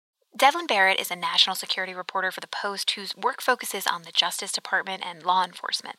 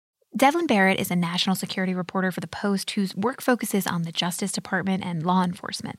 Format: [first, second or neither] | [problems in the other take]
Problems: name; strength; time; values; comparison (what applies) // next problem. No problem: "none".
second | thin; very; fading below 600 Hz